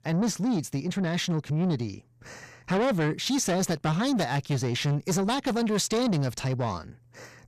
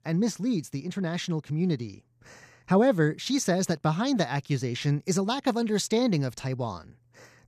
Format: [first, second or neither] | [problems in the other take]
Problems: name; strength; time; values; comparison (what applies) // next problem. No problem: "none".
second | distortion; heavy; 7 dB below the speech